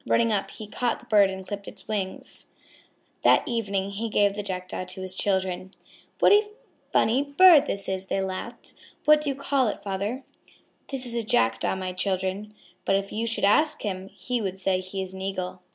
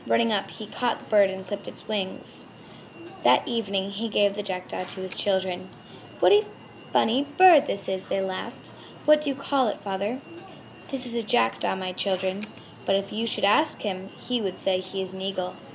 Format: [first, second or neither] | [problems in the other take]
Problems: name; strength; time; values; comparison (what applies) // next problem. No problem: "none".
first | background sound (Alarm); 18 dB below the speech